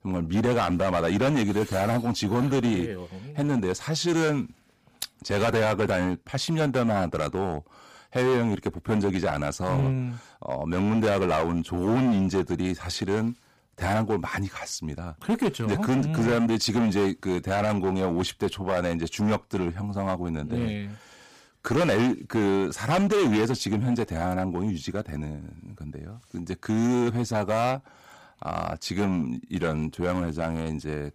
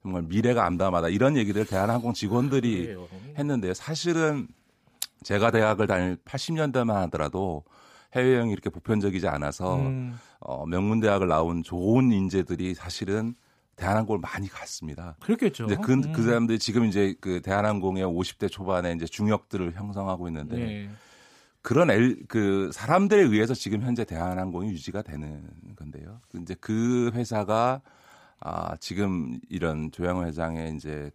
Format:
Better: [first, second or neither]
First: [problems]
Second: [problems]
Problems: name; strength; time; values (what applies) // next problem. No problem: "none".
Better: second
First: distortion; heavy; 11% of the sound clipped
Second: none